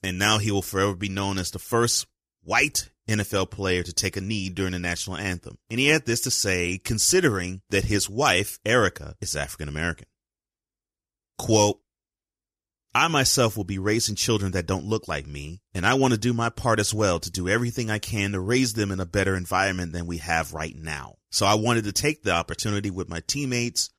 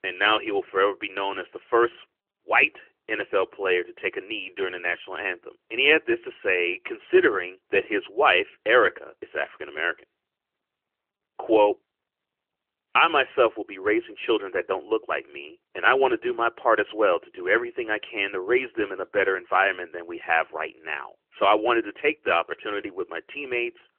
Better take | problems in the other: first | phone-call audio; nothing above 3 kHz

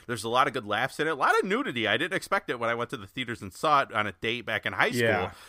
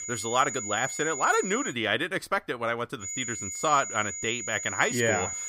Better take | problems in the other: first | high-pitched whine; loud; until 1.5 s and from 3 s on; 7 kHz, 5 dB below the speech

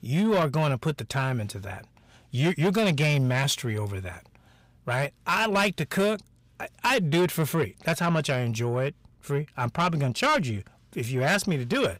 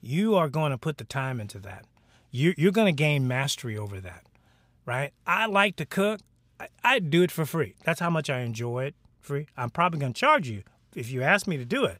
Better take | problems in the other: second | distortion; heavy; 8 dB below the speech

